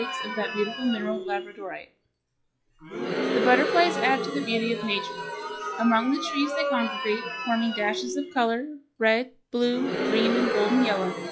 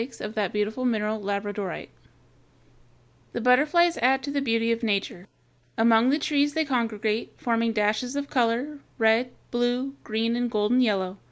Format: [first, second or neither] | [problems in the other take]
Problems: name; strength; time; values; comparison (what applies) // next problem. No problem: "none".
second | noise reduction (classical method log-MMSE)